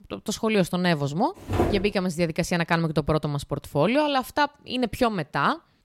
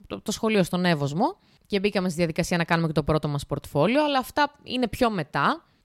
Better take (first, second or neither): second